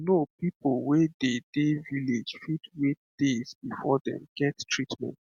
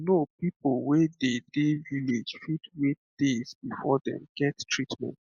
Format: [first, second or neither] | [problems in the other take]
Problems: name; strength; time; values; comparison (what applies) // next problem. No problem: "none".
first | noise reduction (neural mask model Resemble Enhance denoiser)